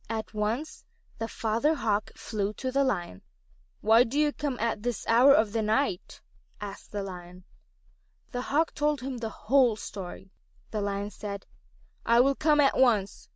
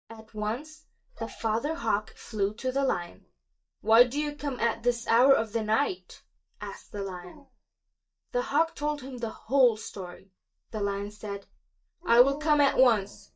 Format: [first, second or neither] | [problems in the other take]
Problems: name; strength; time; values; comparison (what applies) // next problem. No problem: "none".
first | noise reduction (neural mask model DeepFilterNet 3)